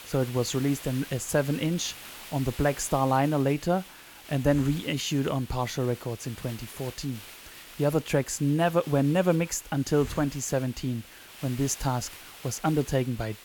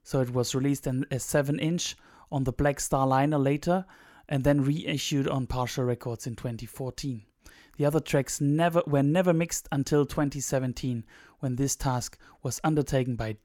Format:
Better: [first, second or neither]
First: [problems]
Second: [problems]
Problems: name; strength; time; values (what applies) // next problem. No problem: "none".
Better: second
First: hiss; noticeable; throughout; 15 dB below the speech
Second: none